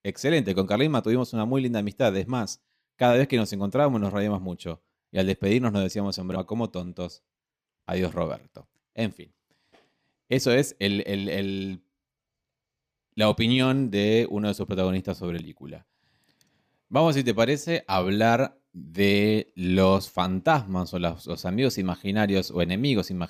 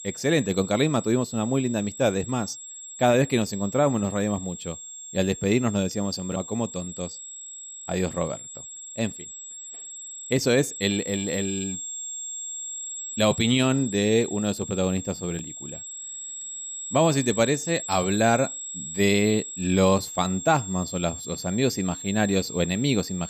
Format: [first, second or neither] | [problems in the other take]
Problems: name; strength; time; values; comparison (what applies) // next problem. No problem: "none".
first | high-pitched whine; loud; throughout; 7.5 kHz, 10 dB below the speech